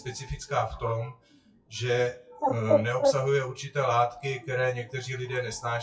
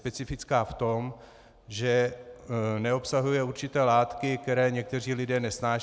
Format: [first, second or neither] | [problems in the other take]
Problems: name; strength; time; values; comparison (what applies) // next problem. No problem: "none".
second | noise reduction (classical method WPE with log-MMSE)